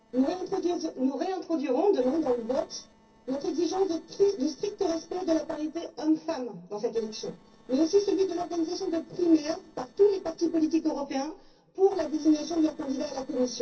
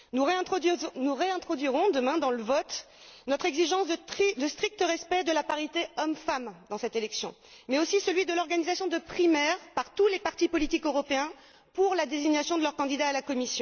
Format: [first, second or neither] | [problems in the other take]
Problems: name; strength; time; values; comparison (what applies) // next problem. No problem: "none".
second | noise reduction (neural separator model SepFormer DNS4)